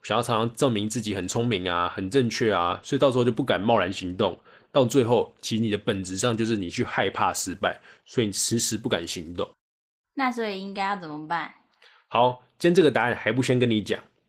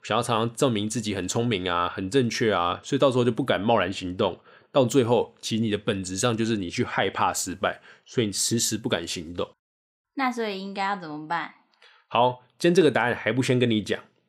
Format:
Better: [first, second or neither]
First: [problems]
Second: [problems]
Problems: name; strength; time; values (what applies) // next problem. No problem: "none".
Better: second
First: garbled, watery; slightly; nothing above 15.5 kHz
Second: none